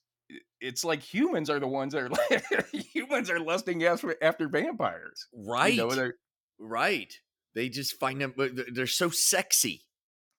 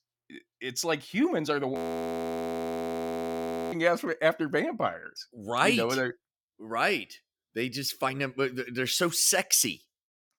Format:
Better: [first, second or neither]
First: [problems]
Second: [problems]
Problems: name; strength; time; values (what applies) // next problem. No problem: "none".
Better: first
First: none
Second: audio freezing; at 2 s for 2 s